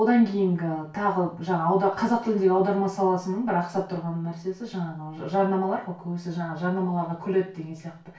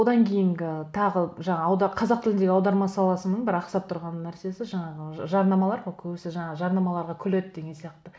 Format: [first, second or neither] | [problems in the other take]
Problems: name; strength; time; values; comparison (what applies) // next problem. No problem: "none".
second | room echo; dies away in 0.2 s